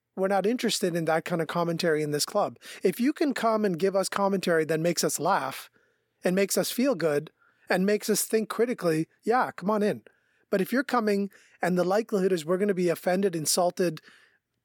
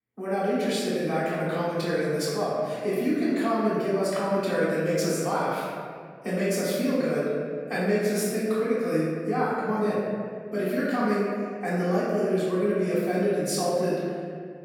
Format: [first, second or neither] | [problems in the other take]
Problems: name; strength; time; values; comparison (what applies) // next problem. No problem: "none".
first | off-mic speech; far // room echo; strong; dies away in 2 s